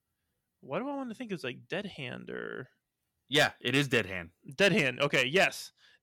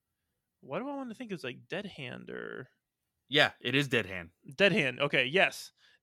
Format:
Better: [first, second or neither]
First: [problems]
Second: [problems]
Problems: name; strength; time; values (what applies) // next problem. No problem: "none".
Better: second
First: distortion; slight; 1.1% of the sound clipped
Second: none